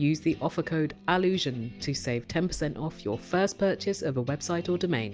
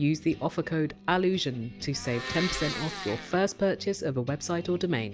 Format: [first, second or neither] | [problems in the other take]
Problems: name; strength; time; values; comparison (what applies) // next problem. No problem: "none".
first | background sound (Domestic sounds, home sounds); 8 dB below the speech